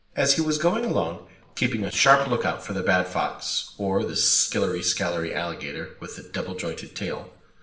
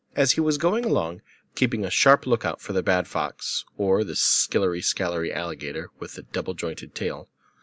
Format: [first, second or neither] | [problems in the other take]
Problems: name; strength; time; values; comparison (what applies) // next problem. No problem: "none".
second | noise reduction (neural separator model SepFormer DNS4)